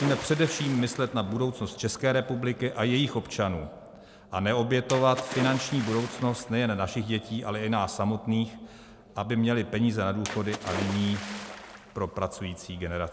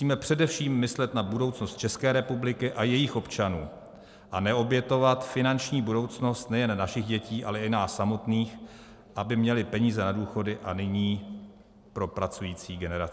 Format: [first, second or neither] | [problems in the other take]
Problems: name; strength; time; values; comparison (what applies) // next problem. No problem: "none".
second | background sound (Splash, splatter); 14 dB below the speech